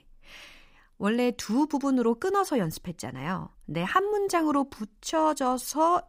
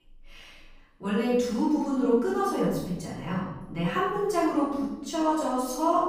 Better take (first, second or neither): first